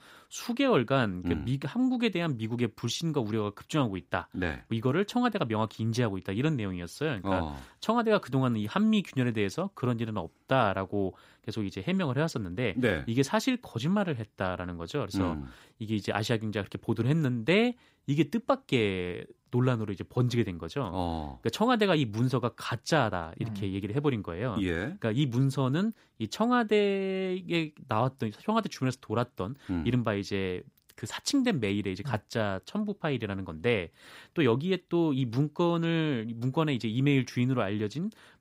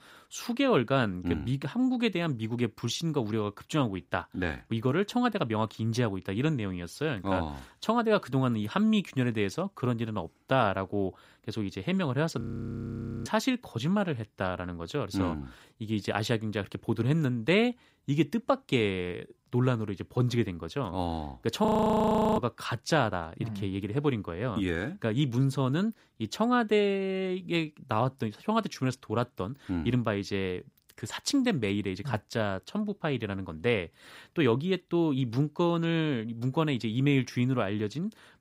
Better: first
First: none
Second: audio freezing; at 12 s for 1 s and at 22 s for 0.5 s

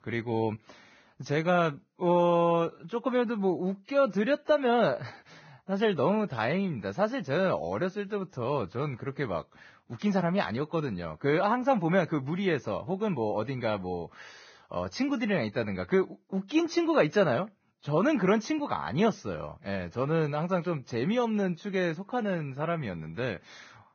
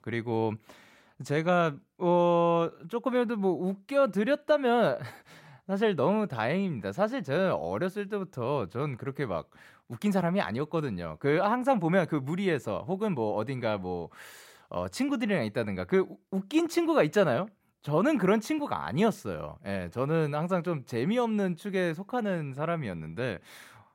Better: second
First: garbled, watery; badly; nothing above 6.5 kHz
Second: none

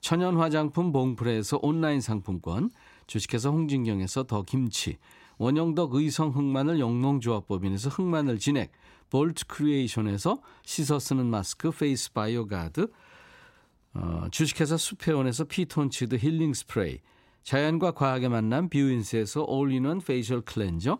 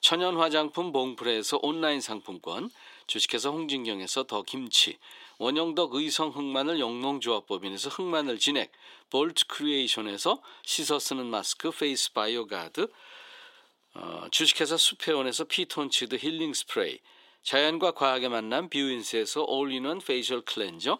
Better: first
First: none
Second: thin; somewhat; fading below 350 Hz

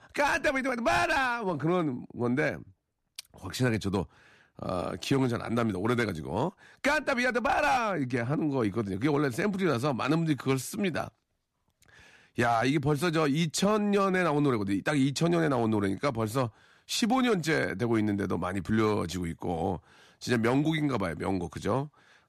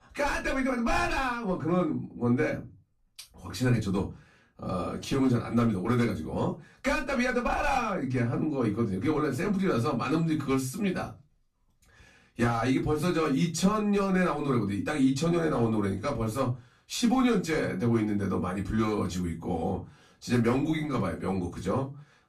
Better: first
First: none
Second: off-mic speech; far // room echo; very slight; dies away in 0.2 s

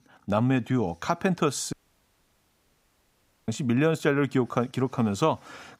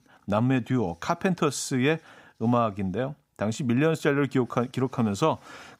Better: second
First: audio cutting out; at 1.5 s for 2 s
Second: none

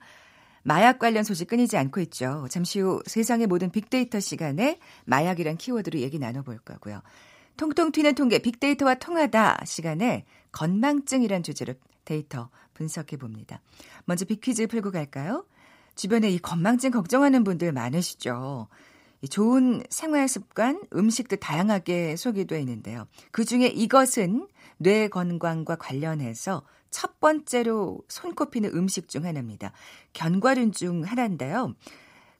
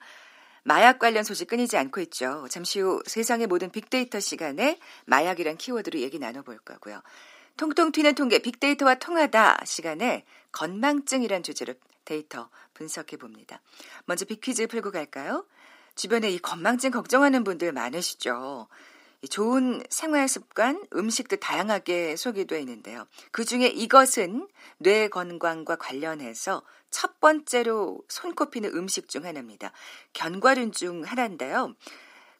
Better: first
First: none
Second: thin; somewhat; fading below 300 Hz

